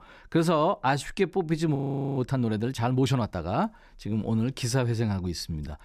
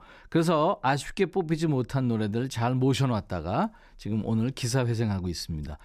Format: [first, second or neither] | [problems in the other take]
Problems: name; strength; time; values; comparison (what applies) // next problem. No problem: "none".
second | audio freezing; at 2 s